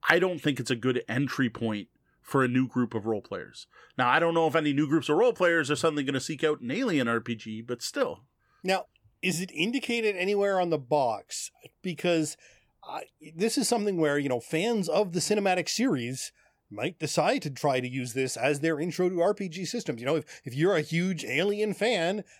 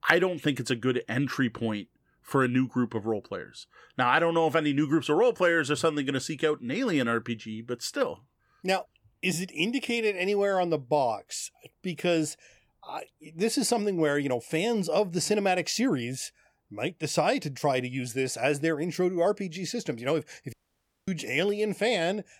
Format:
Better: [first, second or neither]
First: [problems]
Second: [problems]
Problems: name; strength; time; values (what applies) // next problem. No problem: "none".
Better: first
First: none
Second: audio cutting out; at 21 s for 0.5 s